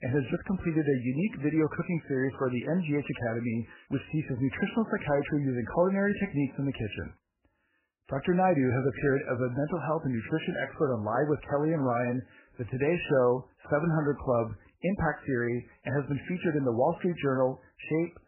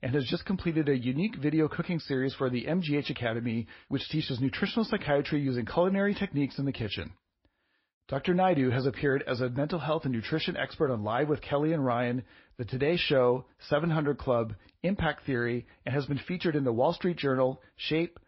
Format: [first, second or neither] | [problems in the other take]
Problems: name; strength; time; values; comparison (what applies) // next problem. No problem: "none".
second | garbled, watery; badly; nothing above 3 kHz; slightly in the second